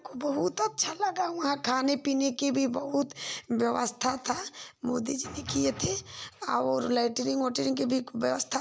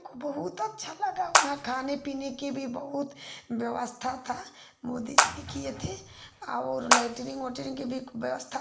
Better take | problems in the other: first | background sound (Water / Splash, splatter); 4 dB above the speech // room echo; dies away in 0.7 s

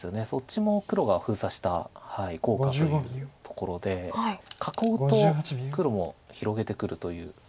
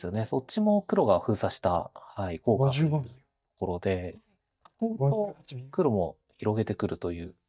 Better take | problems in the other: first | noise reduction (neural mask model DeepFilterNet 3)

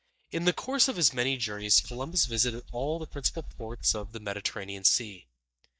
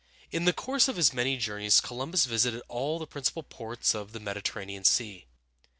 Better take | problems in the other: second | noise reduction (neural mask model DeepFilterNet 3)

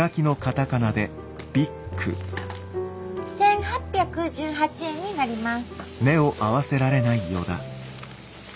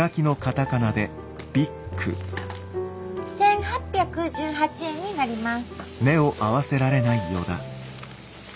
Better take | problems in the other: first | background sound (Piano); 17 dB below the speech

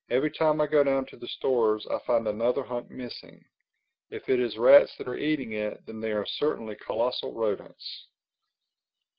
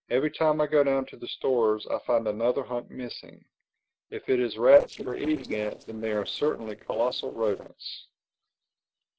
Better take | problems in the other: first | noise reduction (neural separator model SepFormer DNS4)

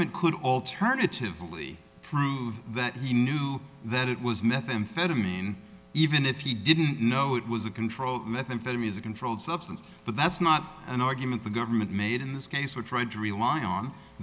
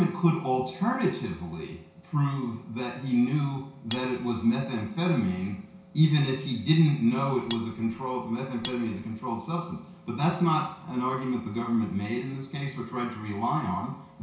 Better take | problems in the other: first | background sound (Cutlery, silverware); 15 dB below the speech // room echo; dies away in 0.6 s

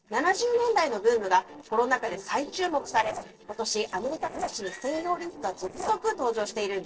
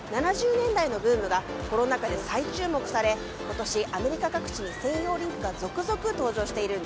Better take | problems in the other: second | noise reduction (neural separator model SepFormer DNS4)

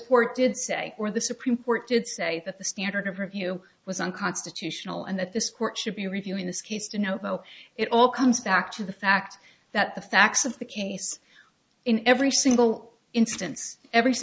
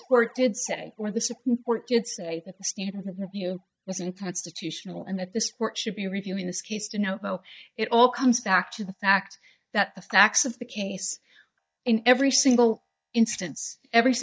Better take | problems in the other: first | noise reduction (neural mask model DeepFilterNet 3)

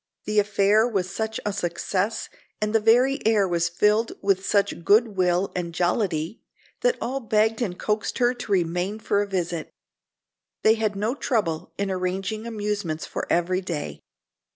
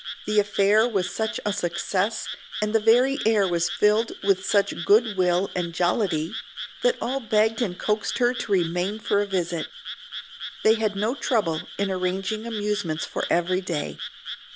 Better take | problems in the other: first | background sound (Frog); 12 dB below the speech

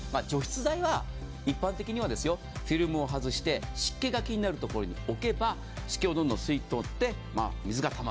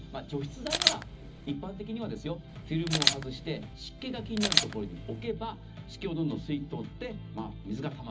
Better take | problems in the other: first | background sound (Camera); 3 dB above the speech // room echo; dies away in 0.4 s

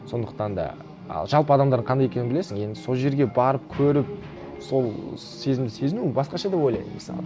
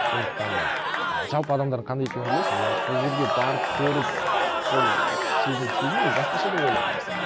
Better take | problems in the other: first | background sound (Crowd / Cheering); 4 dB above the speech

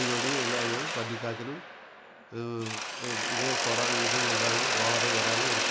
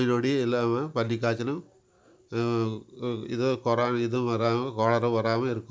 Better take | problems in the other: second | background sound (Mechanisms); 5 dB above the speech

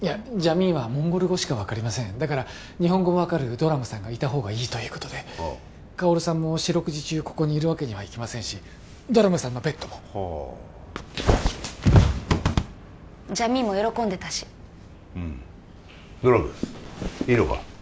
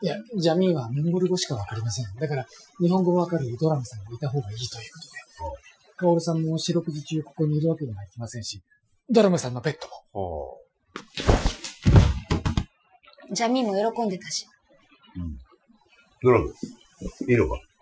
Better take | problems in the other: first | noise reduction (classical method Wiener filter)

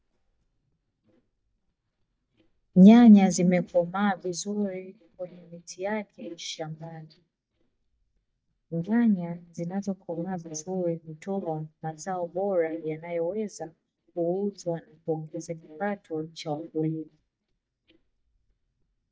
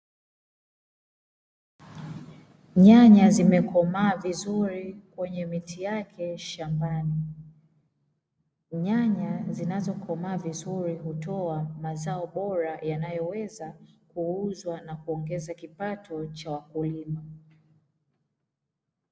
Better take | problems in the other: second | noise reduction (neural mask model DeepFilterNet 3)

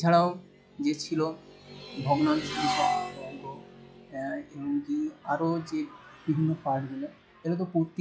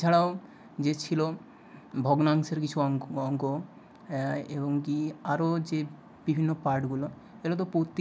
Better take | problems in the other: second | noise reduction (classical method log-MMSE)

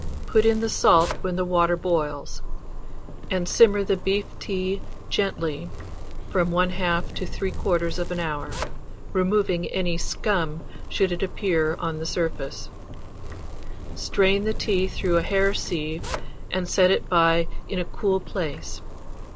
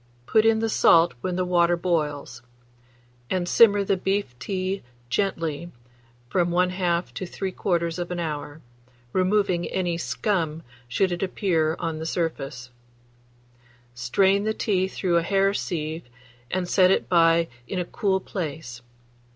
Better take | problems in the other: second | background sound (Zipper (clothing)); 5 dB below the speech

